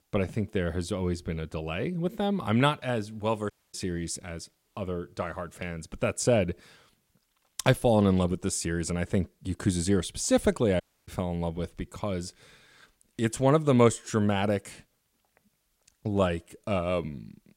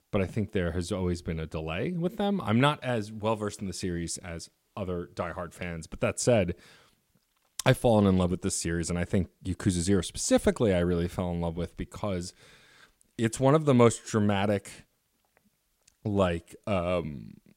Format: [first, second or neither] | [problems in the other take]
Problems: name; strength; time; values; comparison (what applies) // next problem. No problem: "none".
second | audio cutting out; at 3.5 s and at 11 s